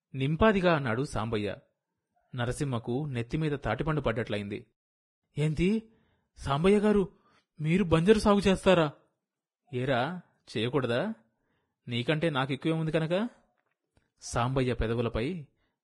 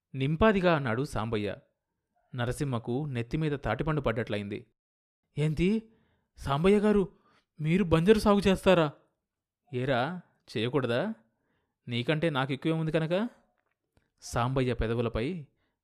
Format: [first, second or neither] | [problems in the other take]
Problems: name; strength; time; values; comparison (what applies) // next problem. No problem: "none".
second | garbled, watery; badly; nothing above 10.5 kHz